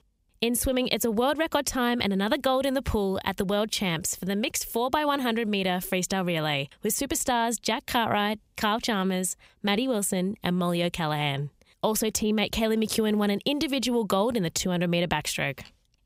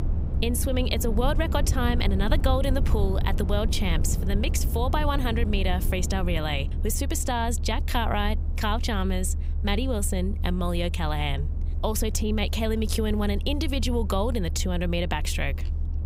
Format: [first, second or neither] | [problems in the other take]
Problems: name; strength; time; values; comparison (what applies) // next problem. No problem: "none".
first | low rumble; noticeable; throughout; 15 dB below the speech